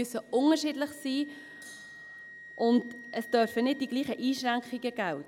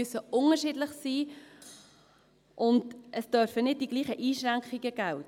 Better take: second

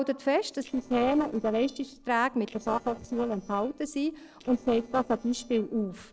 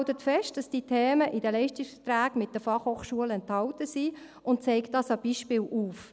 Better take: second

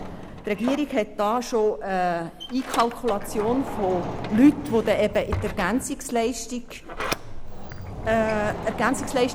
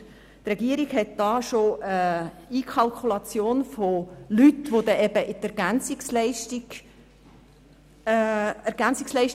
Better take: second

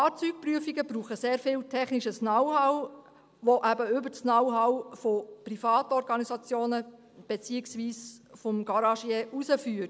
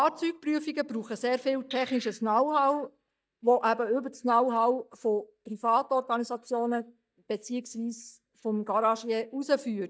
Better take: first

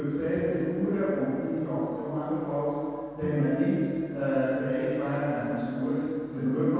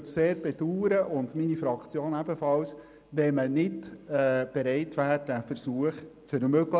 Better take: second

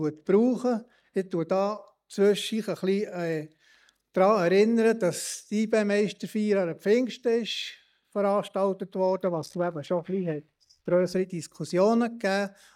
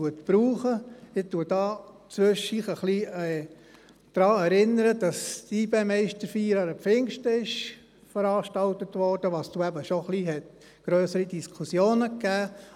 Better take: second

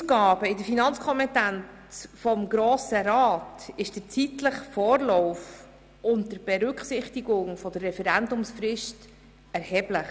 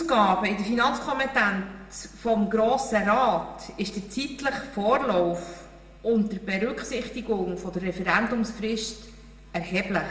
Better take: first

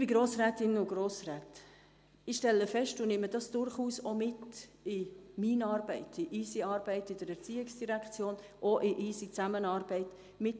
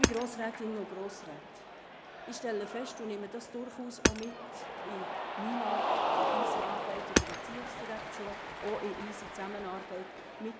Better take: first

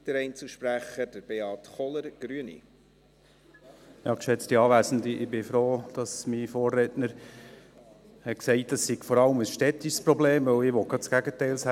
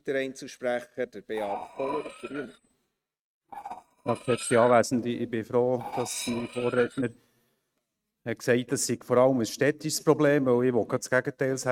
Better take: first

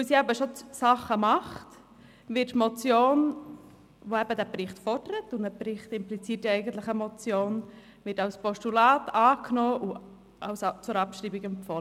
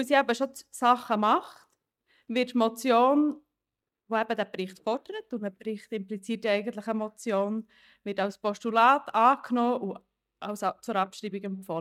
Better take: first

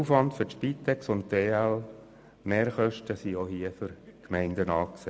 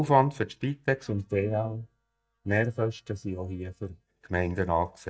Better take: first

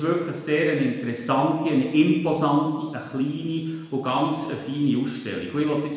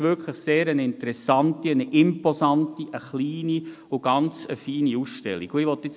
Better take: second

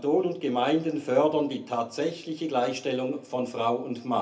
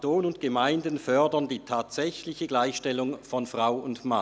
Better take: second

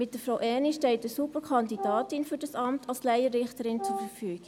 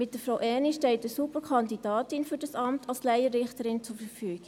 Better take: second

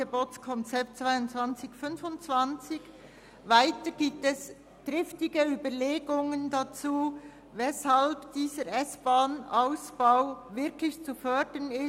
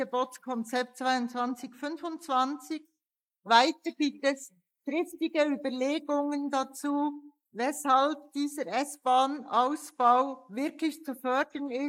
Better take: first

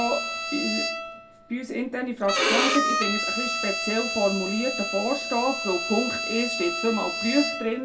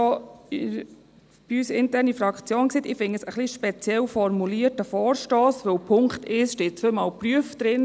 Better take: second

